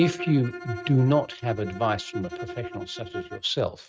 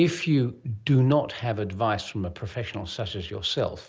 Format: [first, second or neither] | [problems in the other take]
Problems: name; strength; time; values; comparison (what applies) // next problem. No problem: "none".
second | noise reduction (neural mask model RNNoise)